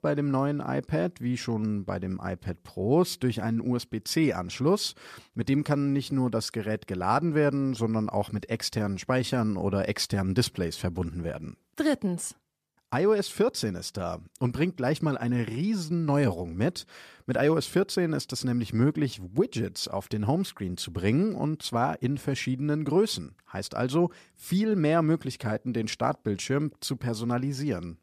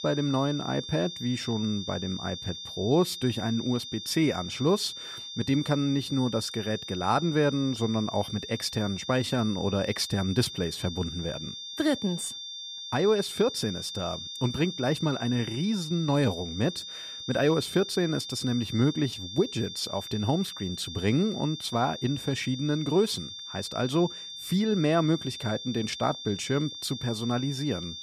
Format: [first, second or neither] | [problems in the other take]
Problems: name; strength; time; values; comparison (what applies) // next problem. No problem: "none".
first | high-pitched whine; loud; throughout; 3.5 kHz, 9 dB below the speech